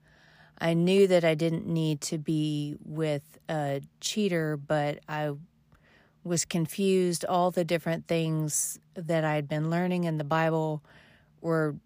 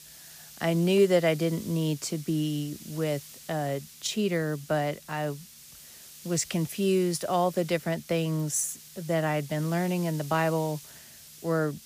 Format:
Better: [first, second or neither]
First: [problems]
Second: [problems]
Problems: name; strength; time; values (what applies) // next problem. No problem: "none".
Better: first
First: none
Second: hiss; noticeable; throughout; 15 dB below the speech